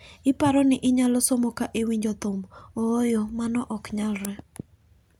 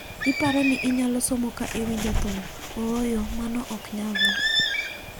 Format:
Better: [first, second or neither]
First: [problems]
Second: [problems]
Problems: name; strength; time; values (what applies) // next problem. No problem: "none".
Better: first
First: none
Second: background sound (Bird); 2 dB below the speech